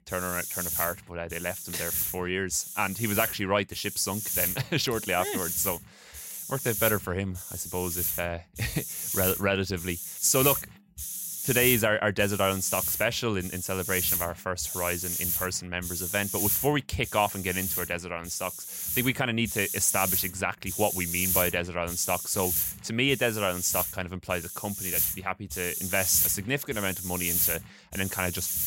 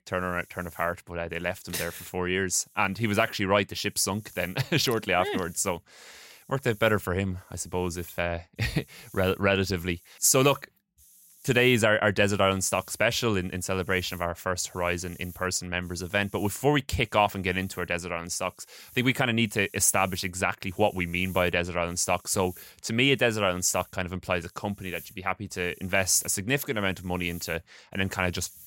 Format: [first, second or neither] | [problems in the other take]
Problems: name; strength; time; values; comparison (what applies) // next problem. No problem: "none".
second | hiss; loud; throughout; 1 dB below the speech; faint in the second